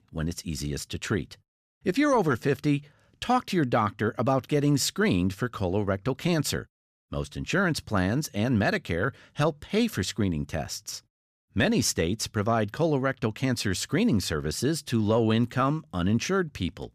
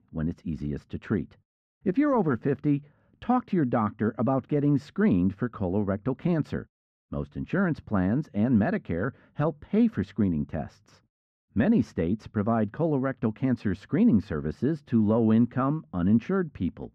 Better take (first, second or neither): first